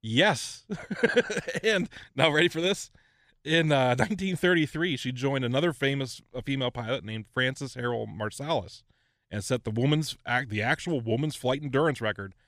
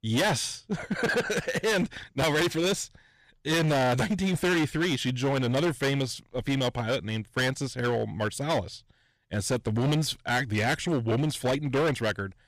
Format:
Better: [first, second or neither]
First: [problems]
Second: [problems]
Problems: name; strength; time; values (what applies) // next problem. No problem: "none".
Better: first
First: none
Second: distortion; heavy; 16% of the sound clipped